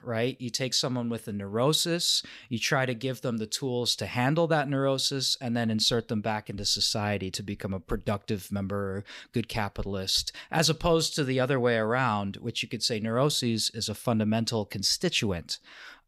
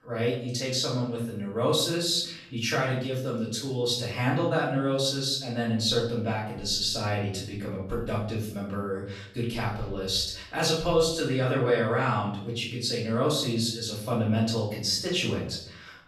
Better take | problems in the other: first | off-mic speech; far // room echo; noticeable; dies away in 0.6 s

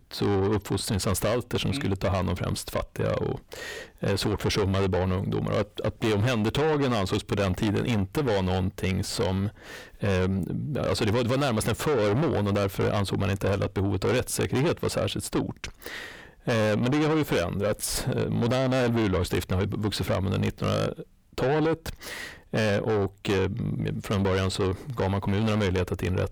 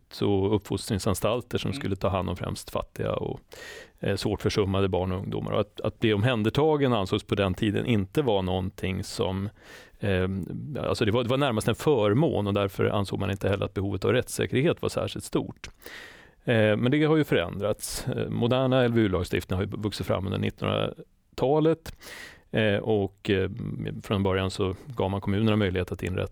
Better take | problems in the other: second | distortion; heavy; 7 dB below the speech

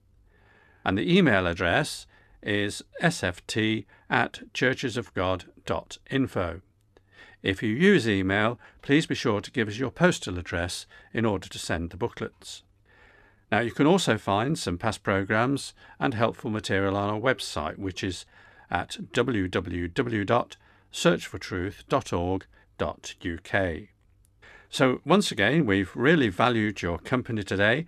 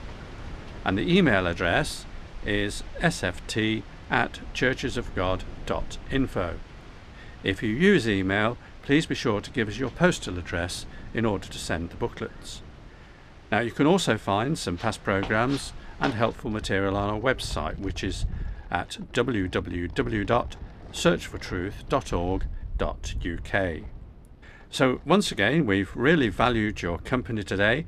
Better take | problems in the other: first | wind in the background; noticeable; throughout; 15 dB below the speech

